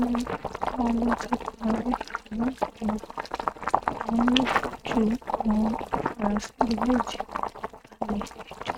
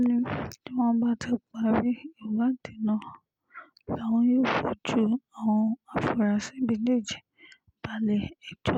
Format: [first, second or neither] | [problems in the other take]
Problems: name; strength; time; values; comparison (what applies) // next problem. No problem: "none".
second | noise reduction (neural mask model RNNoise)